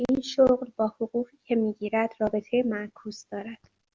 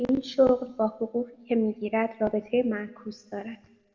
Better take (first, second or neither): first